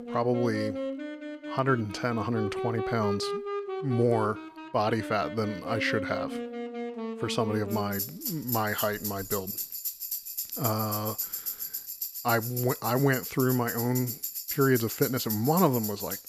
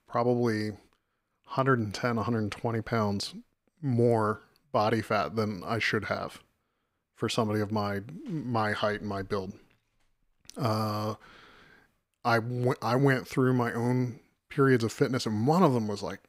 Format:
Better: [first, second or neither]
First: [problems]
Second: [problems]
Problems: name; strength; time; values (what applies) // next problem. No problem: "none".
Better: second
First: background music; loud; throughout; 5 dB below the speech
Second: none